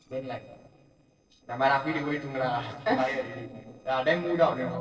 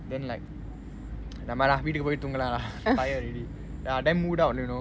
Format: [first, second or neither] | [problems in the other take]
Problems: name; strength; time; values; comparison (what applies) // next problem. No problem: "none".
second | noise reduction (neural separator model SepFormer DNS4)